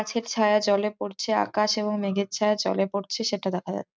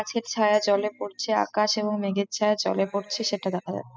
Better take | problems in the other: first | noise reduction (classical method spectral subtraction)

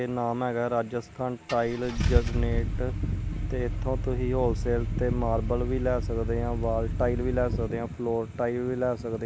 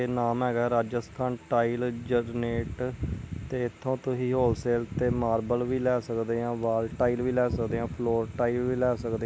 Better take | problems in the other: second | background sound (Engine starting / Car); 2 dB below the speech

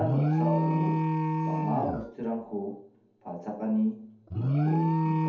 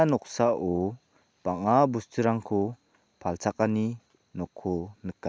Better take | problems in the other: second | background sound (Alarm); 5 dB above the speech // room echo; dies away in 0.6 s

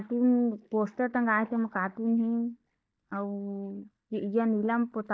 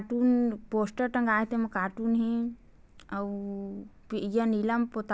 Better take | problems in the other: second | noise reduction (neural mask model DeepFilterNet 3)

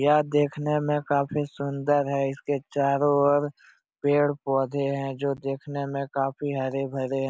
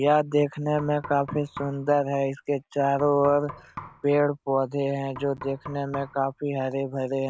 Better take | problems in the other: first | background sound (Knock); 19 dB below the speech

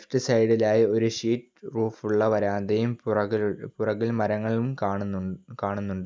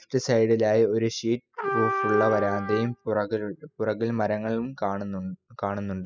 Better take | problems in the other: first | noise reduction (classical method spectral subtraction)

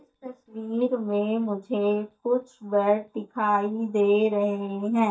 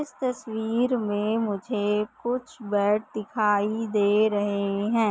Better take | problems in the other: second | noise reduction (neural mask model DeepFilterNet 3)

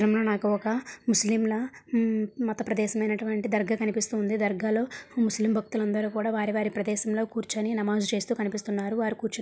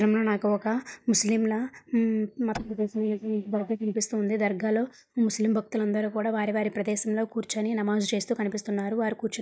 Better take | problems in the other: first | noise reduction (neural mask model DeepFilterNet 3)

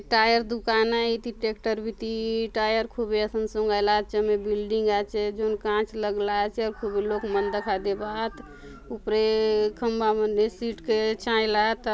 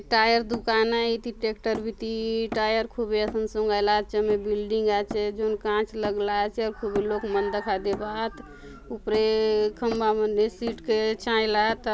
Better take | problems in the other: first | background sound (Hammer); 17 dB below the speech

